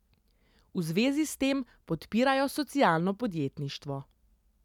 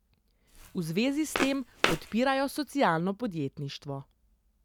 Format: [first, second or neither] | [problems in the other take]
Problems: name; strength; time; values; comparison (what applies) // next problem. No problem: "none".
first | background sound (Walk, footsteps); 5 dB below the speech